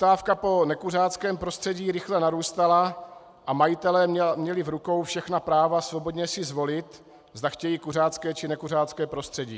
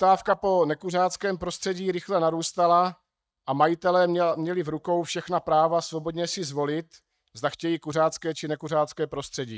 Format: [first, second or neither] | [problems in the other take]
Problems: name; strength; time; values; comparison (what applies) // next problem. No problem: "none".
first | noise reduction (neural mask model DeepFilterNet 3)